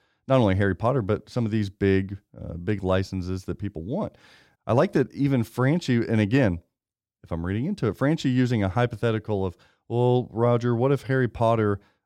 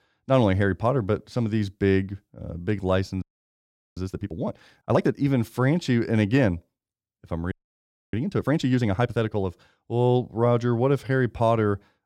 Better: first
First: none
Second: audio freezing; at 3 s for 1 s and at 7.5 s for 0.5 s

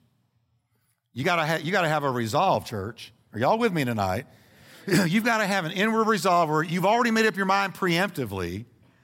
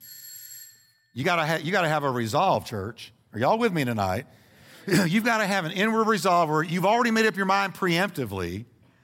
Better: first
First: none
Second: doorbell; faint; at the start; peak 15 dB below the speech

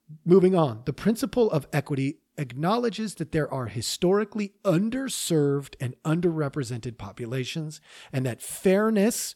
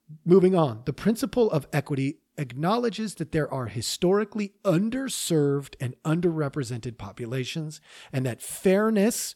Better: neither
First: none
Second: none

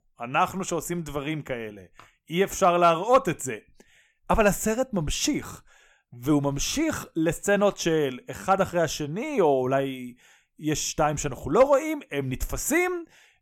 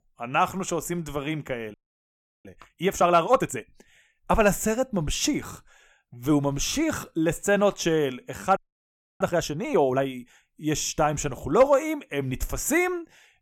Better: first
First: none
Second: audio freezing; at 1.5 s for 0.5 s and at 8.5 s for 0.5 s

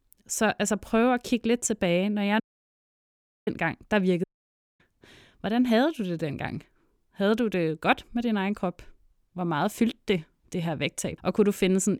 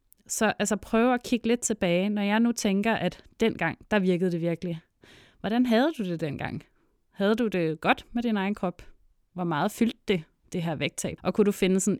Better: second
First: audio cutting out; at 2.5 s for 1 s and at 4 s for 0.5 s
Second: none

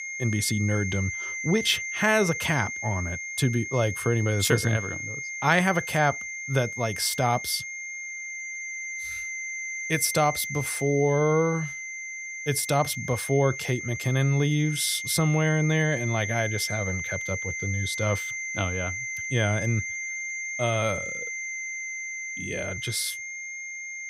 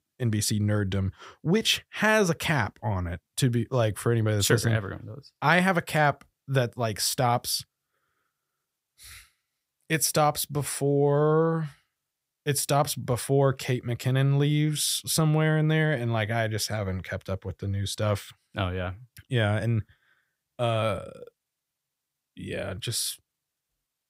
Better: second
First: high-pitched whine; loud; throughout; 2 kHz, 5 dB below the speech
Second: none

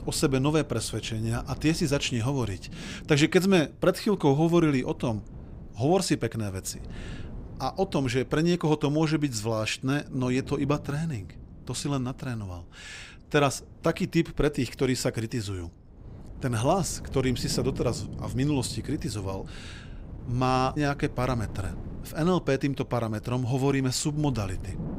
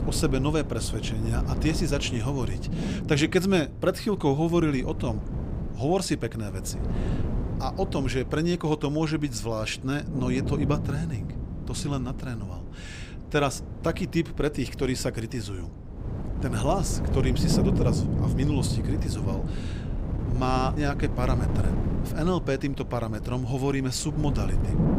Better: first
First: wind noise on the microphone; occasional gusts; 20 dB below the speech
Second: wind noise on the microphone; heavy; 9 dB below the speech

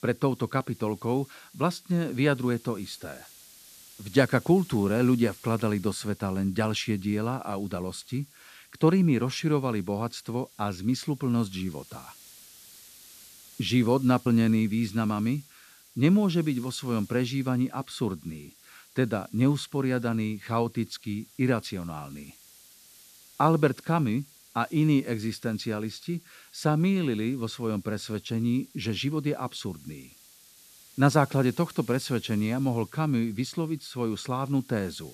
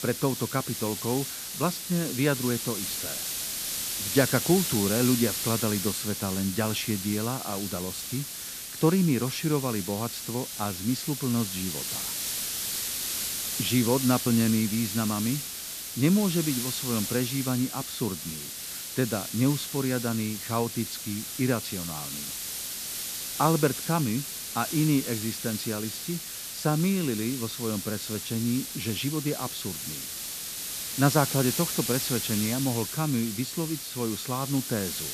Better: first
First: hiss; faint; throughout; 25 dB below the speech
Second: hiss; loud; throughout; 3 dB below the speech

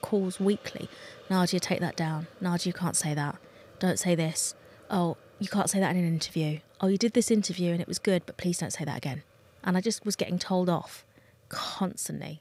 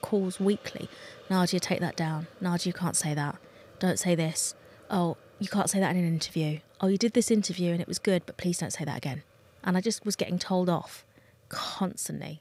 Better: neither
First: hiss; faint; throughout; 25 dB below the speech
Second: hiss; faint; throughout; 25 dB below the speech

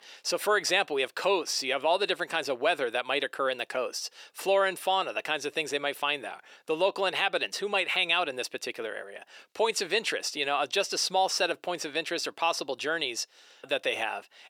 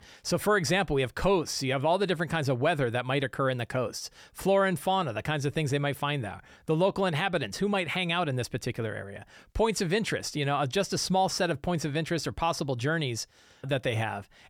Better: second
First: thin; very; fading below 350 Hz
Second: none

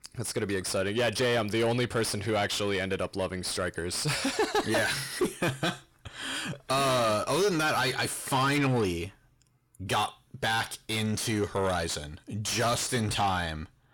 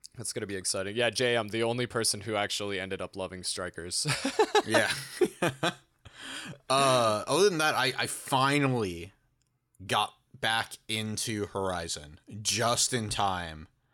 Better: second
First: distortion; heavy; 6 dB below the speech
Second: none

